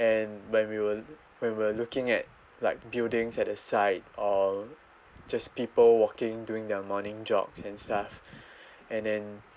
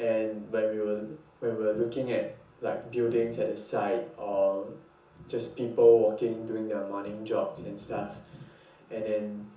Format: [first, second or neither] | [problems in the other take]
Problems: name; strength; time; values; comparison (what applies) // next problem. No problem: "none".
first | room echo; dies away in 0.7 s